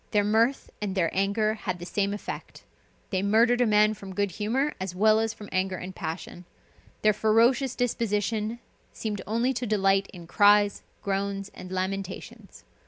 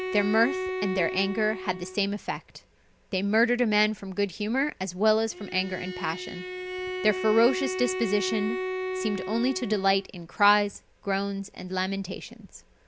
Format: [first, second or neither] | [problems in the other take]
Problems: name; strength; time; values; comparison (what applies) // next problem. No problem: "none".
first | background sound (Bowed string instrument); 8 dB below the speech